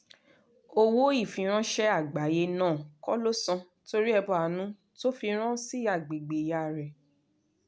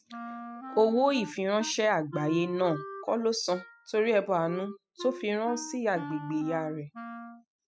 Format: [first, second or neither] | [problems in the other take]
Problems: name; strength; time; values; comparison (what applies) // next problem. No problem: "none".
first | noise reduction (classical method spectral subtraction)